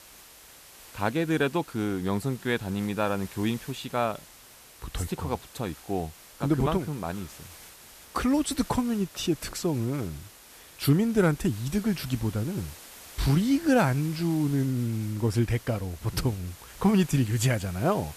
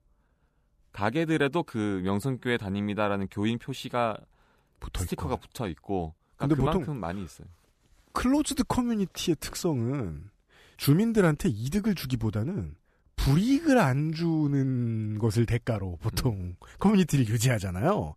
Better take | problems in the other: second | hiss; noticeable; throughout; 20 dB below the speech

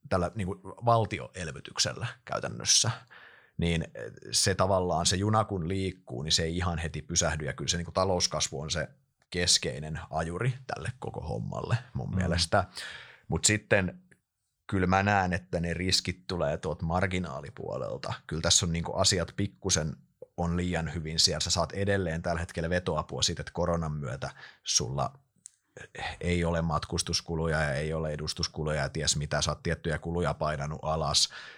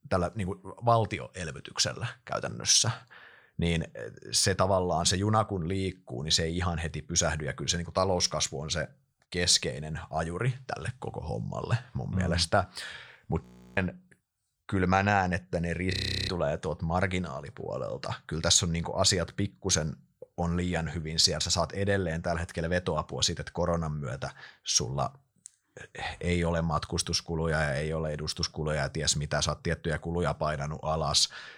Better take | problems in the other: first | audio freezing; at 13 s and at 16 s

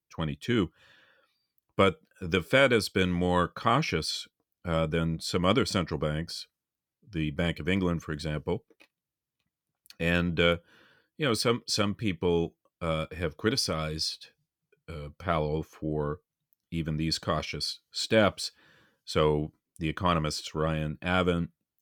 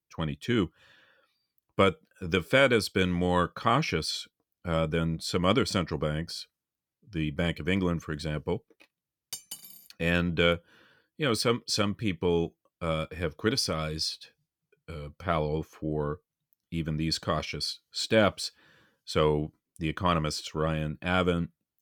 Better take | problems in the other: first | clattering dishes; faint; at 9.5 s; peak 10 dB below the speech

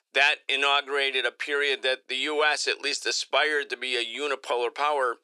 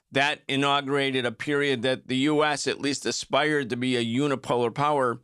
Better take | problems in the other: second | thin; very; fading below 400 Hz

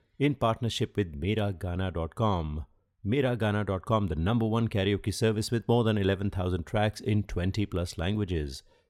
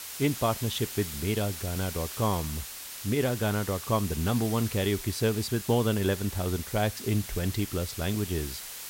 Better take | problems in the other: first | hiss; loud; throughout; 8 dB below the speech

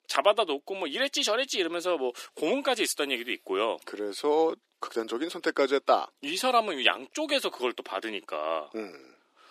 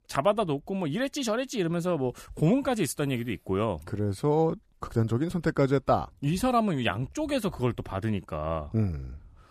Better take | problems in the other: second | thin; somewhat; fading below 300 Hz

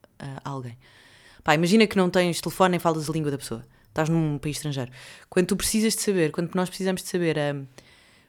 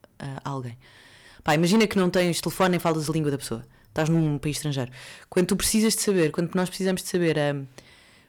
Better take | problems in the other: first | distortion; slight; 3% of the sound clipped

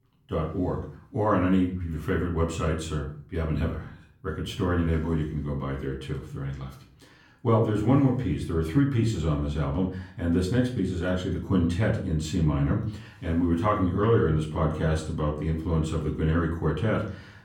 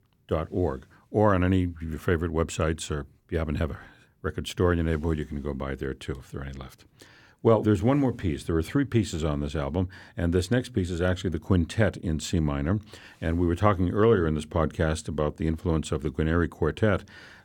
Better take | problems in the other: second | off-mic speech; far // room echo; slight; dies away in 0.5 s

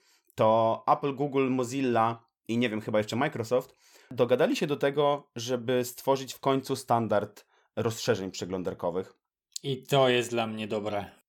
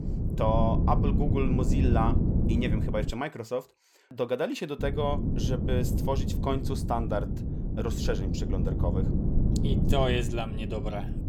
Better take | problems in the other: first | wind noise on the microphone; heavy; until 3 s and from 5 s on; 6 dB below the speech

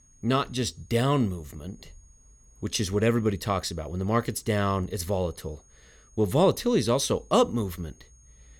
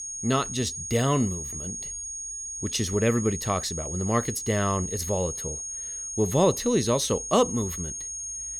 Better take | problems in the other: first | high-pitched whine; loud; throughout; 6.5 kHz, 6 dB below the speech; faint in the first

